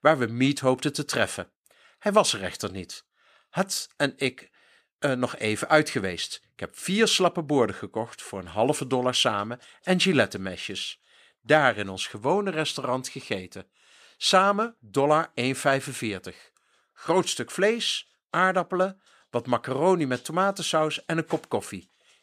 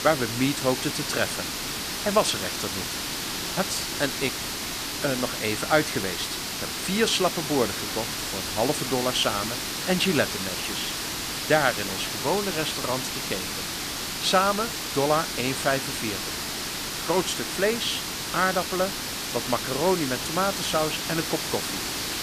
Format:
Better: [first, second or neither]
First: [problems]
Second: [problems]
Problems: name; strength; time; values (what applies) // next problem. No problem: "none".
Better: first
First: none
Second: hiss; loud; throughout; 2 dB below the speech